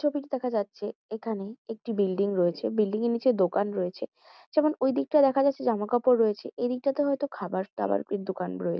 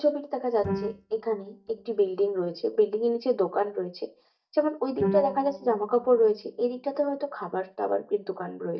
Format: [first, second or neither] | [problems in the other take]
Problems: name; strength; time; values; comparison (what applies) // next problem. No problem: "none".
first | noise reduction (neural mask model DeepFilterNet 3)